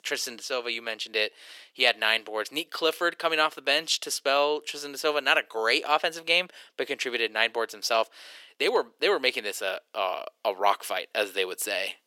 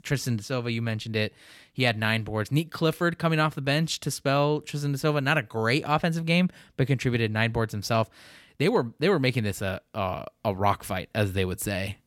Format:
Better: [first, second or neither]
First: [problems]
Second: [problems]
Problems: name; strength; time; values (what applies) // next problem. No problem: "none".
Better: second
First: thin; very; fading below 400 Hz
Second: none